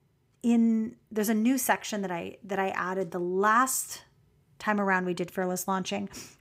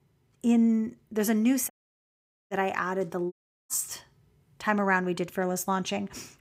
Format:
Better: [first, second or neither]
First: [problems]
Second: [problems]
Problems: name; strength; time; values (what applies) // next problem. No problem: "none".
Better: first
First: none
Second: audio cutting out; at 1.5 s for 1 s and at 3.5 s